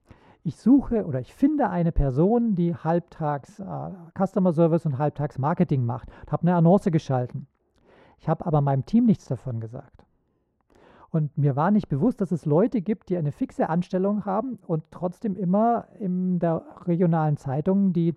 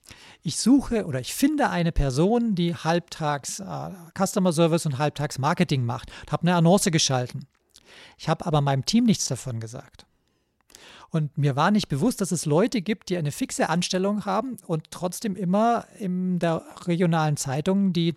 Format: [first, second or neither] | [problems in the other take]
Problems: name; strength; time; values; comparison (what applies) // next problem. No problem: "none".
second | muffled; very; fading above 2 kHz